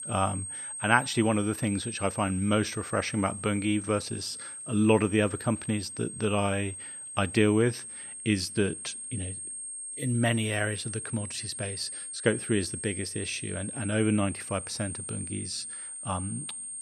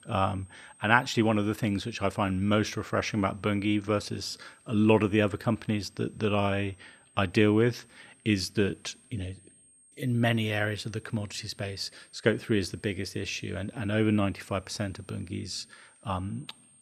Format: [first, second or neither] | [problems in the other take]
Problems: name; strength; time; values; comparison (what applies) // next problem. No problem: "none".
second | high-pitched whine; loud; throughout; 8.5 kHz, 7 dB below the speech; faint in the second